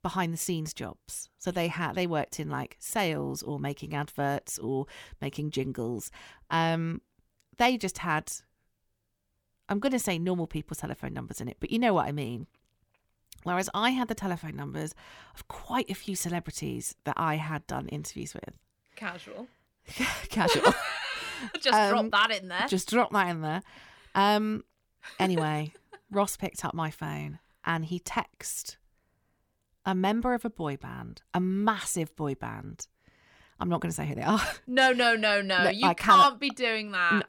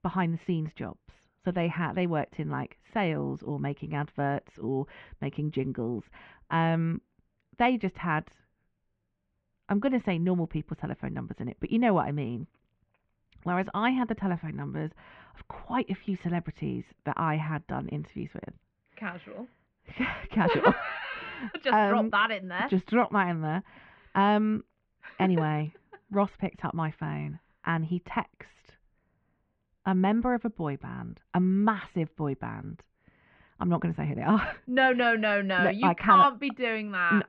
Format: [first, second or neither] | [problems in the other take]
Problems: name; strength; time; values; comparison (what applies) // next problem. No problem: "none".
first | muffled; very; fading above 2.5 kHz